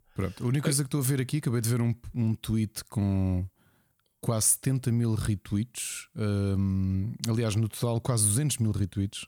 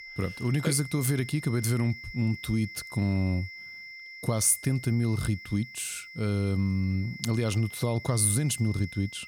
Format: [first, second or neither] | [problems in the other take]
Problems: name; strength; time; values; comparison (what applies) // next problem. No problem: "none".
first | high-pitched whine; noticeable; throughout; 2 kHz, 15 dB below the speech